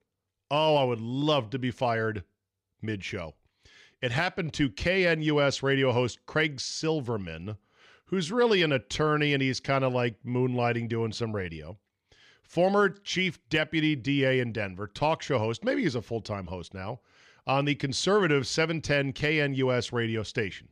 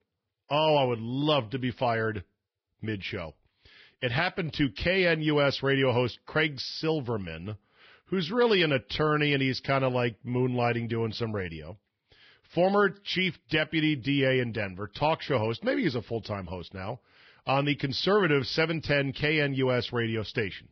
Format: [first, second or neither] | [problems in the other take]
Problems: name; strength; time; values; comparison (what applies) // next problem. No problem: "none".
first | garbled, watery; badly; nothing above 5.5 kHz